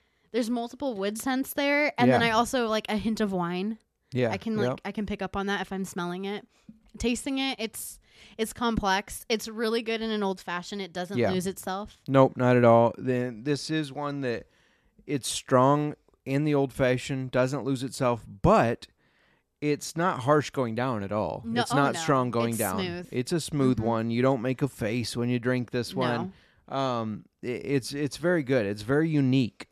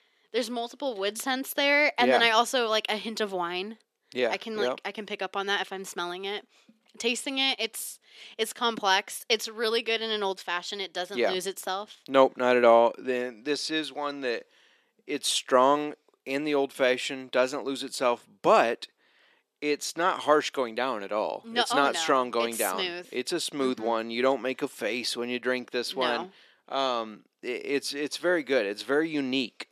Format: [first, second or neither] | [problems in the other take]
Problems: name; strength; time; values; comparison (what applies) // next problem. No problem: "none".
first | thin; somewhat; fading below 300 Hz